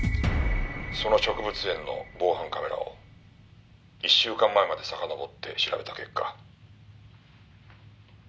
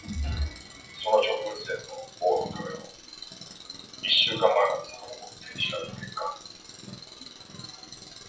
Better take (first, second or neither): first